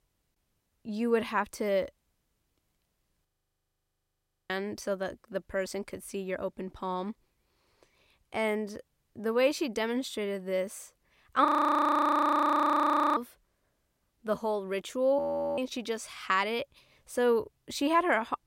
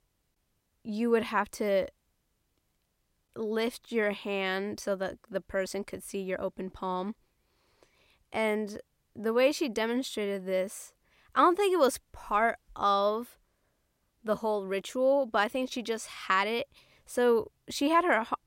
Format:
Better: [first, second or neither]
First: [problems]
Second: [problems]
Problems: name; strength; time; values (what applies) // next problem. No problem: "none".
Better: second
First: audio freezing; at 3.5 s for 1.5 s, at 11 s for 1.5 s and at 15 s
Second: none